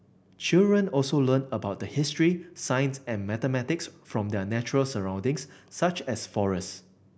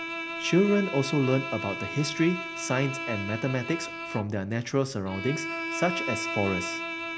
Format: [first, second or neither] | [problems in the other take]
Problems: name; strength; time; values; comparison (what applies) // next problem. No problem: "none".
first | background sound (Bowed string instrument); 6 dB below the speech